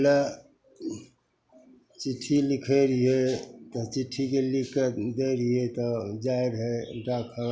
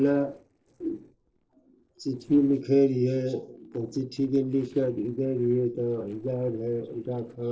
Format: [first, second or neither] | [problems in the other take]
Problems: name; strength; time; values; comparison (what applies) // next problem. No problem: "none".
first | noise reduction (neural separator model SepFormer DNS4)